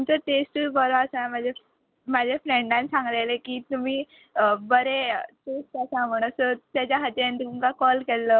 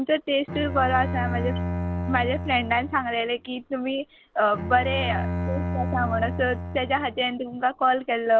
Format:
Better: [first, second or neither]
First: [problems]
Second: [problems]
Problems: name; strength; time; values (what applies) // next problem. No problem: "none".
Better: first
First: none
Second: background sound (Bowed string instrument); 5 dB below the speech